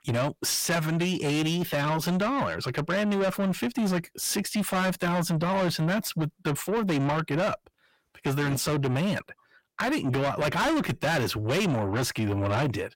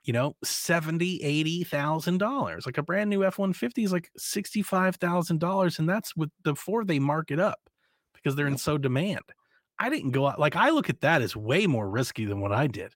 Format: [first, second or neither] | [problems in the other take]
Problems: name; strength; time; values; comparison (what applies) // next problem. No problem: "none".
second | distortion; heavy; 7 dB below the speech